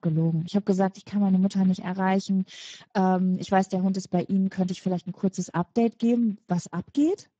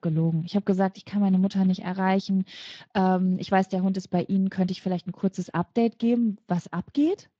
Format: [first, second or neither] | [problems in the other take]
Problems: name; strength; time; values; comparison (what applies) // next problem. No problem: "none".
second | garbled, watery; badly; nothing above 7.5 kHz; slightly in the second